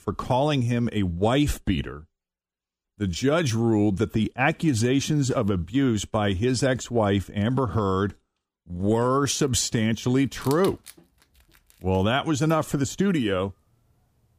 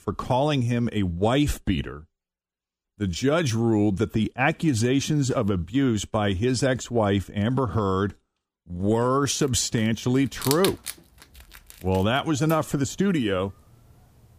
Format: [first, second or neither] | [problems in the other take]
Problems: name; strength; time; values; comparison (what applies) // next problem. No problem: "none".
first | animal sounds; loud; from 9.5 s on; 10 dB below the speech; faint in the first